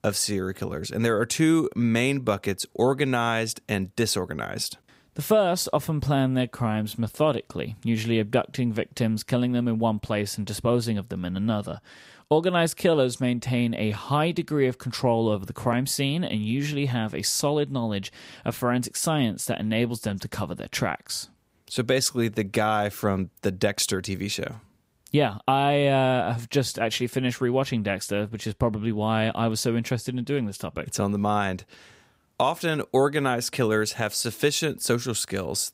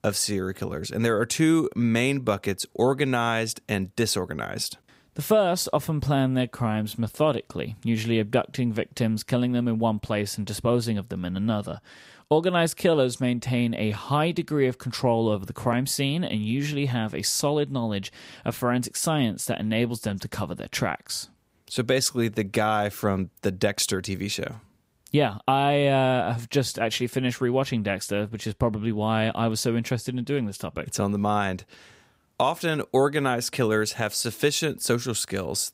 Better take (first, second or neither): neither